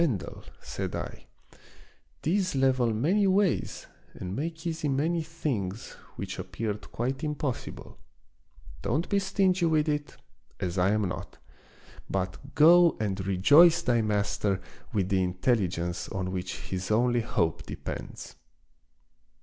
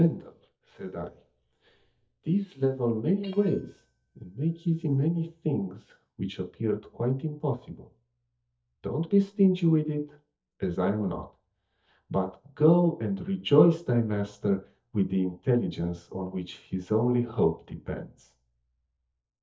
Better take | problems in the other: first | noise reduction (neural mask model DeepFilterNet 3)

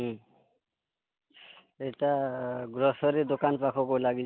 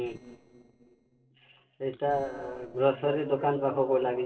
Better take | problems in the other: first | noise reduction (neural separator model SepFormer DNS4)

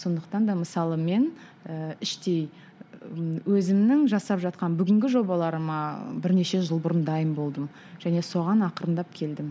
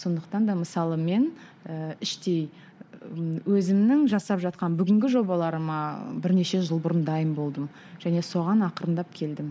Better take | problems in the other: first | noise reduction (neural mask model Resemble Enhance denoiser)

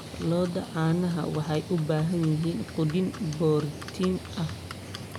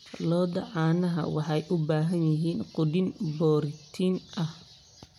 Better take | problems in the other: second | background sound (Livestock, farm animals, working animals); 12 dB below the speech

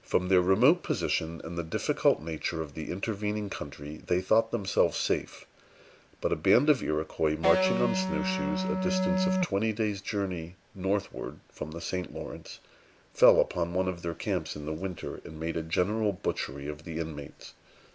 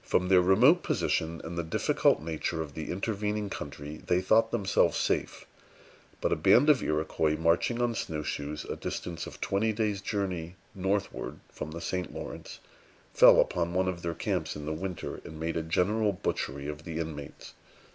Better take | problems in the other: second | background sound (Electric guitar); 1 dB above the speech

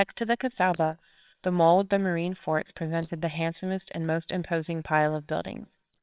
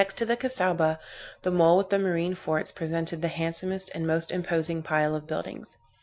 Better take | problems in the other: second | noise reduction (neural separator model SepFormer WHAMR!)

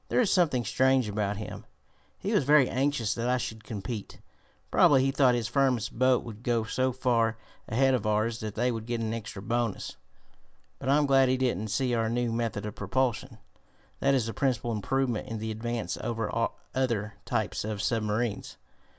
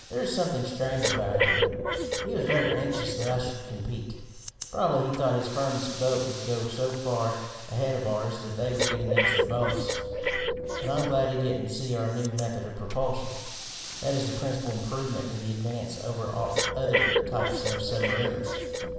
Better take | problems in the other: first | background sound (Breathing); 2 dB below the speech // room echo; dies away in 1.3 s

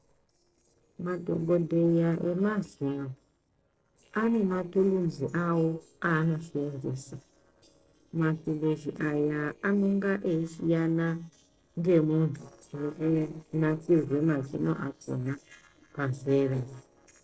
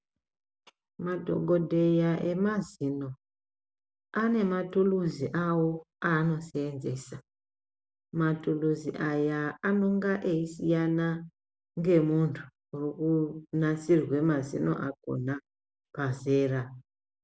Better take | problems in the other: second | noise reduction (neural separator model SepFormer DNS4)

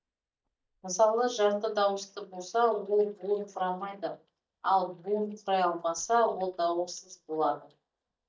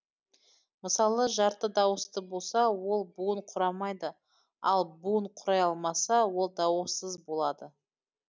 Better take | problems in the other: second | noise reduction (neural mask model DeepFilterNet 3)

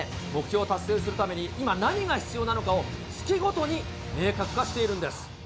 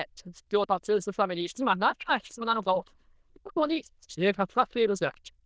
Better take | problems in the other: first | noise reduction (neural diffusion model UNIVERSE++)

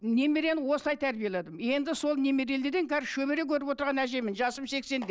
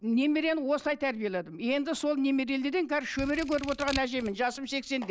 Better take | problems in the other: first | background sound (Scissors); 12 dB below the speech

